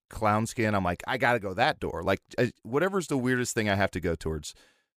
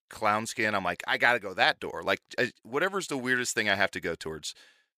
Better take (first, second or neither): first